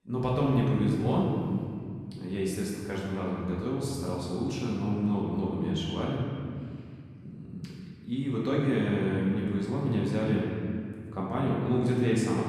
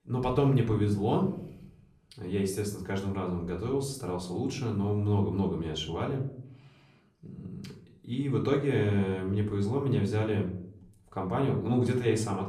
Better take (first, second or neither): second